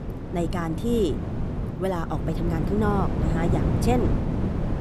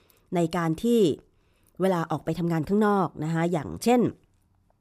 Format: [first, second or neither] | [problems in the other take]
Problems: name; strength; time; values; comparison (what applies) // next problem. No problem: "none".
second | wind noise on the microphone; heavy; 5 dB below the speech